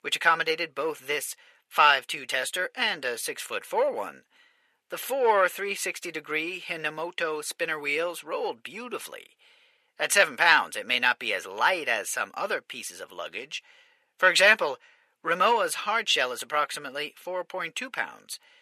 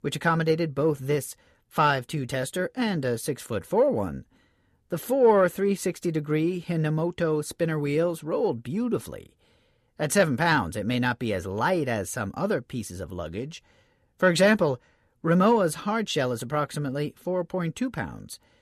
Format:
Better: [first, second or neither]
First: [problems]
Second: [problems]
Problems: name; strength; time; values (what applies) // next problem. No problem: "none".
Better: second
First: thin; very; fading below 700 Hz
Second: none